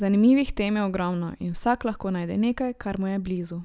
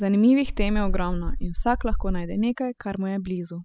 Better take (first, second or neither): first